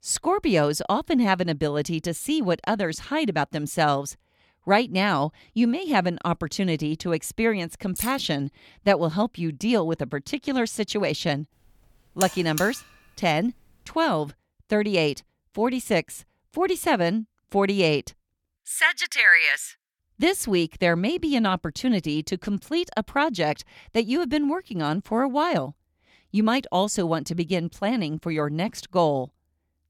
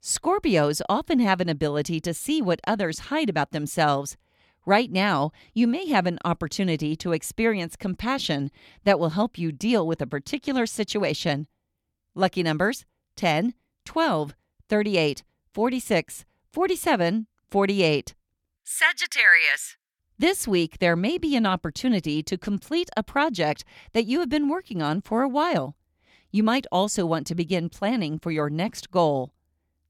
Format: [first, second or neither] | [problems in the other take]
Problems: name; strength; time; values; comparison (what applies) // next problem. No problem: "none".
second | jangling keys; noticeable; at 8 s; peak 8 dB below the speech // alarm; noticeable; at 12 s; peak 8 dB below the speech